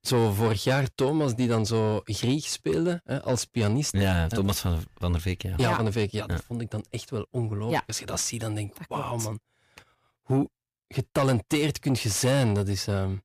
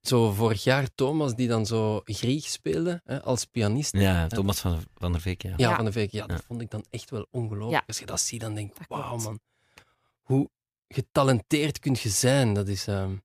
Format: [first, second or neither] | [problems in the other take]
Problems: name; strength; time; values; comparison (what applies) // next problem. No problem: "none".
second | distortion; slight; 10 dB below the speech